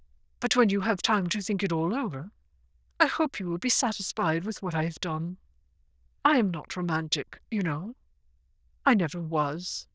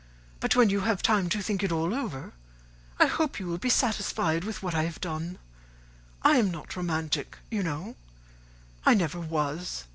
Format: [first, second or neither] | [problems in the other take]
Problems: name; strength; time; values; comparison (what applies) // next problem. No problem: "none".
second | noise reduction (neural diffusion model UNIVERSE++)